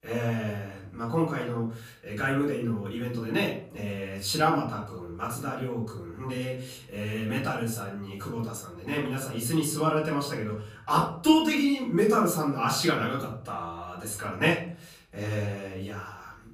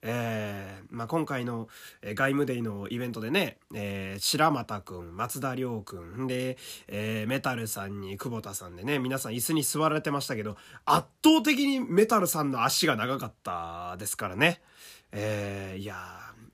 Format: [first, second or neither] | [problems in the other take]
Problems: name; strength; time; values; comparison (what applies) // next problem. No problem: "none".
second | off-mic speech; far // room echo; slight; dies away in 0.5 s